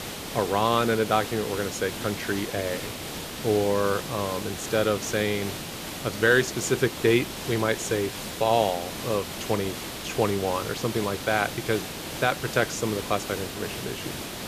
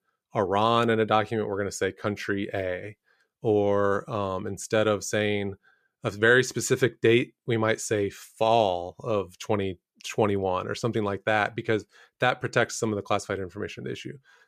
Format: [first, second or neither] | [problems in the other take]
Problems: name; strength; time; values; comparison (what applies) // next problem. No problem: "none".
second | hiss; loud; throughout; 7 dB below the speech